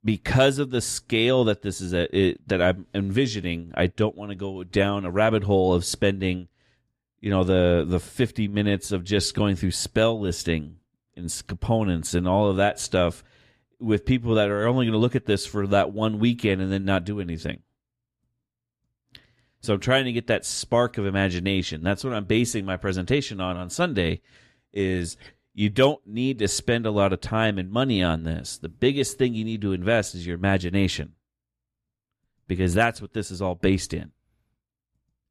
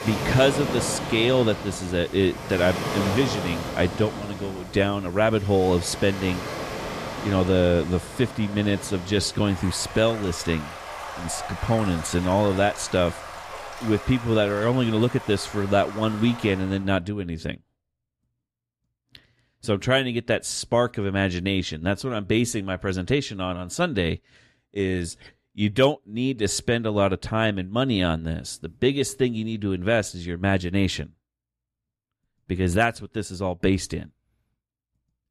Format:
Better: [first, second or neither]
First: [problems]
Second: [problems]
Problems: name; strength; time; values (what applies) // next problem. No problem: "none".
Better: first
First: none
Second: rain or running water; loud; until 17 s; 9 dB below the speech